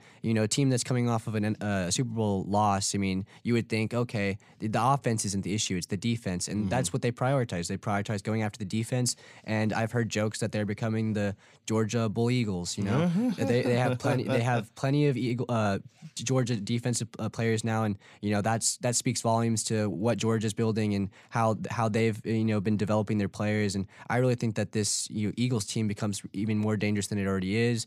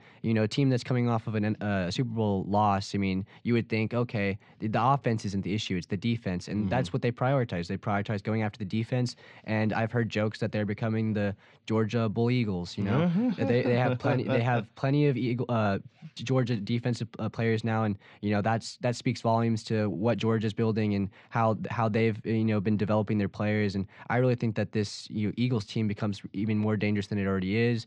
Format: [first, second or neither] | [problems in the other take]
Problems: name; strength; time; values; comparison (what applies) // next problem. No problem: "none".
first | muffled; slightly; fading above 4 kHz